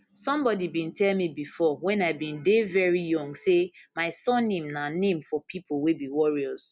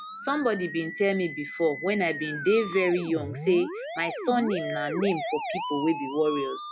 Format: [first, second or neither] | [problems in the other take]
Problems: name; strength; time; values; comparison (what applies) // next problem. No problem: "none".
first | background sound (Musical instrument); 8 dB below the speech